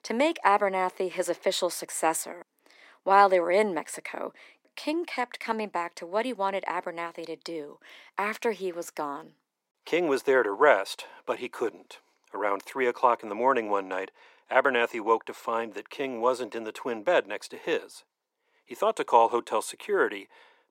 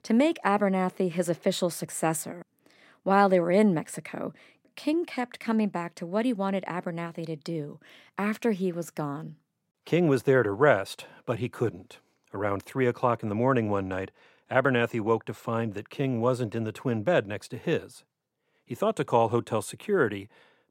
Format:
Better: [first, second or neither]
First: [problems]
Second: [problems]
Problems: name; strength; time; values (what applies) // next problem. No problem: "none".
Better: second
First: thin; somewhat; fading below 350 Hz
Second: none